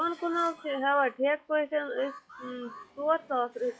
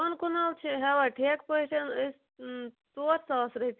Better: second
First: noise reduction (classical method log-MMSE)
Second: none

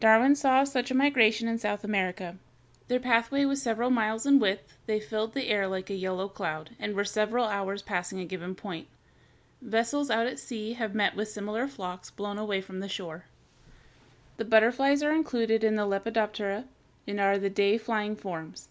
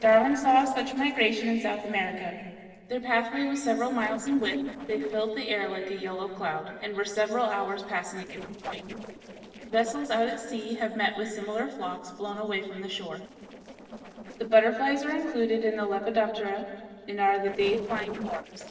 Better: first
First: none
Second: noise reduction (neural separator model SepFormer DNS4)

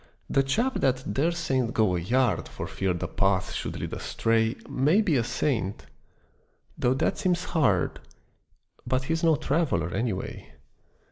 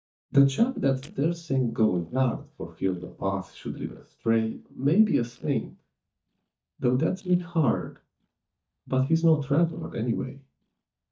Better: first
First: none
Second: noise reduction (neural mask model DeepFilterNet 3)

